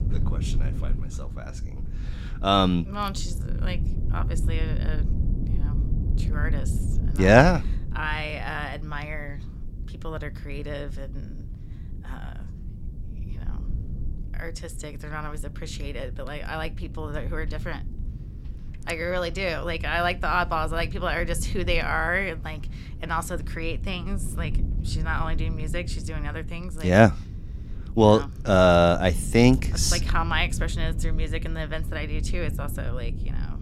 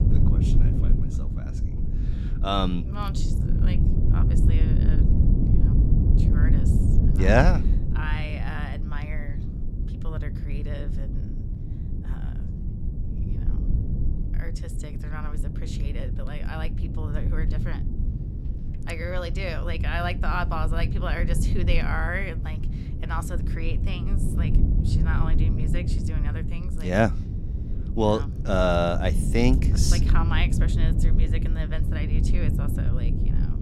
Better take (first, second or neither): first